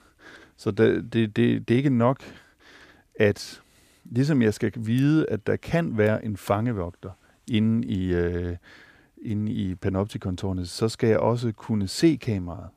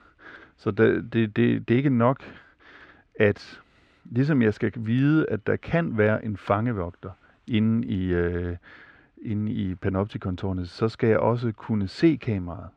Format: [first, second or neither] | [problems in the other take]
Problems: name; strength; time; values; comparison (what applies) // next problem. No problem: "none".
first | muffled; slightly; fading above 2.5 kHz